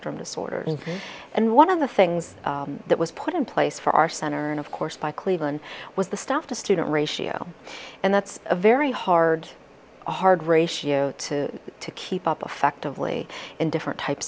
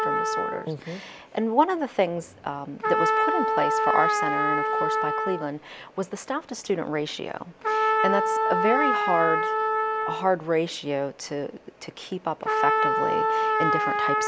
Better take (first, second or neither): first